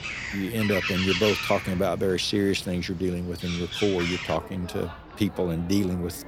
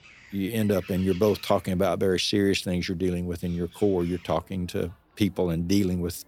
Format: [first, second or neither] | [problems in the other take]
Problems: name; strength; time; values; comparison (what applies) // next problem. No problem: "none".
second | animal sounds; loud; throughout; 4 dB below the speech; faint in the second